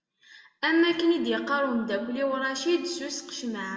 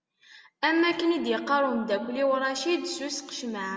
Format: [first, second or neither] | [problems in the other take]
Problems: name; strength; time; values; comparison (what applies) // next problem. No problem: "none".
second | room echo; dies away in 1.2 s